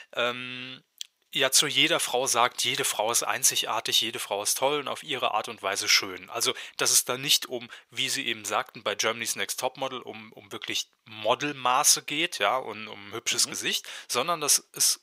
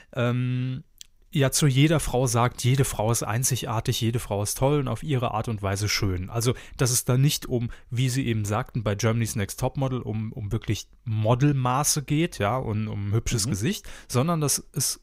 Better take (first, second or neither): second